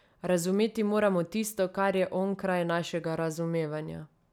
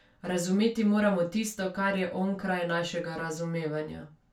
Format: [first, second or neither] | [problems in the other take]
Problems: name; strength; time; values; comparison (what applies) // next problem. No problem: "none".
first | room echo; dies away in 0.2 s